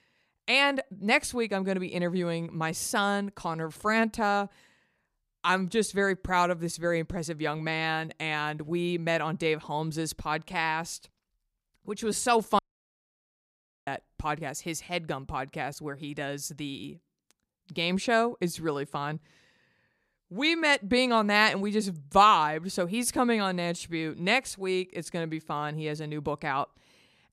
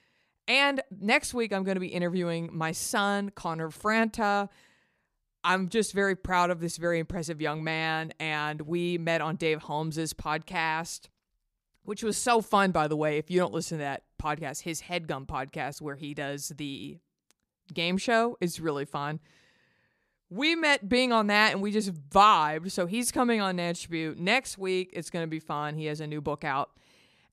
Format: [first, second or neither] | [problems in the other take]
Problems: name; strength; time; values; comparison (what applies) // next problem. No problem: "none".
second | audio cutting out; at 13 s for 1.5 s